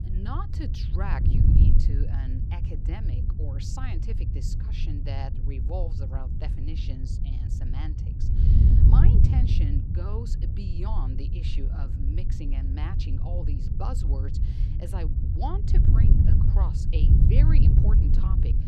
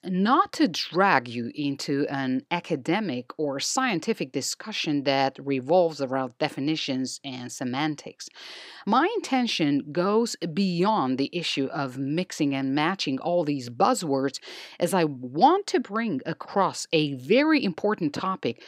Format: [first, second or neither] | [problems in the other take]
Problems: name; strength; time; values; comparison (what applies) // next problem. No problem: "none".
second | wind noise on the microphone; heavy; 1 dB above the speech